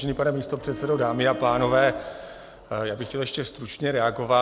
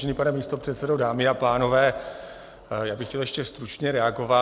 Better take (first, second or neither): second